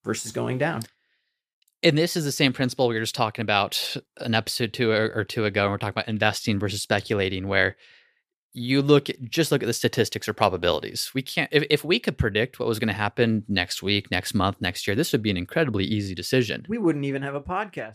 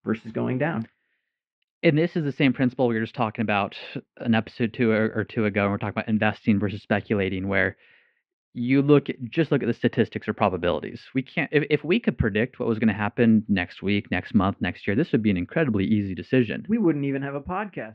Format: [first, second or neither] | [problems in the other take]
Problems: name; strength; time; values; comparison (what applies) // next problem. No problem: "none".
first | muffled; very; fading above 2.5 kHz